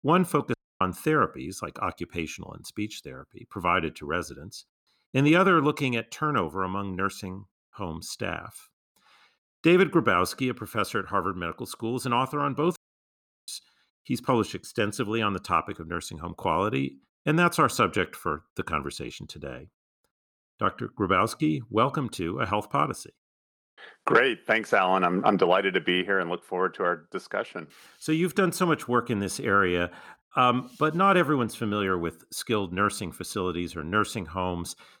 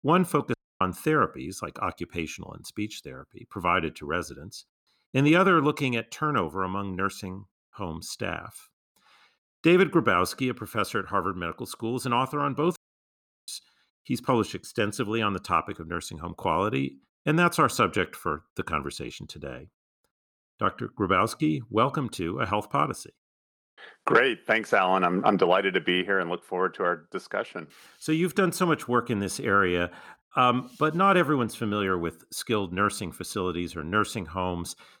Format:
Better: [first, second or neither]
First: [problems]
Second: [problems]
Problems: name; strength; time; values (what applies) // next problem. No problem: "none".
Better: neither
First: audio cutting out; at 0.5 s and at 13 s for 0.5 s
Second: audio cutting out; at 0.5 s and at 13 s for 0.5 s